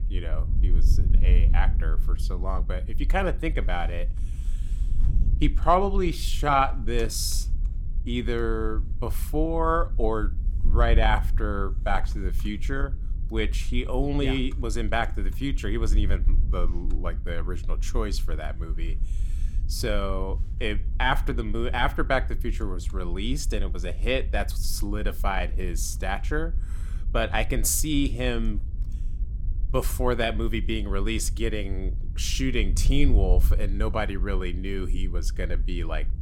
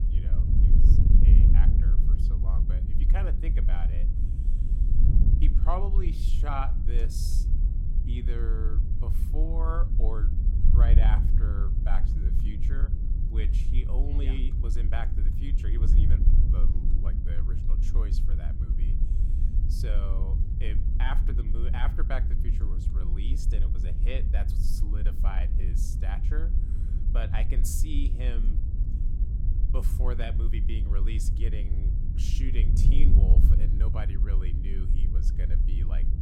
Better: first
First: wind noise on the microphone; occasional gusts; 20 dB below the speech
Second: wind noise on the microphone; heavy; 4 dB below the speech

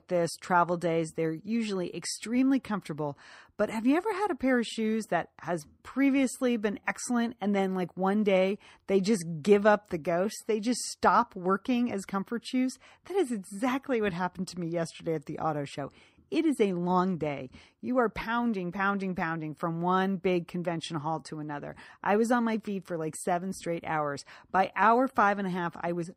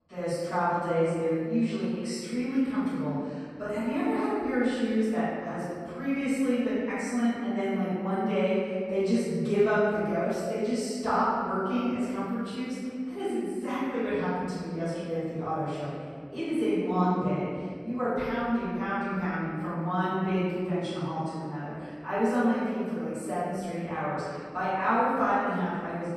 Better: first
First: none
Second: room echo; strong; dies away in 2.2 s // off-mic speech; far

